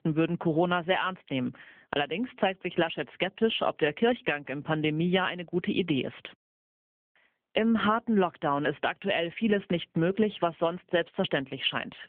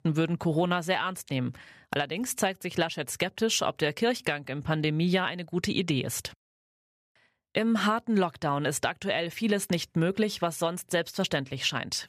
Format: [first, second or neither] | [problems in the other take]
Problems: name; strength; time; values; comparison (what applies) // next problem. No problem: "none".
second | phone-call audio; nothing above 3.5 kHz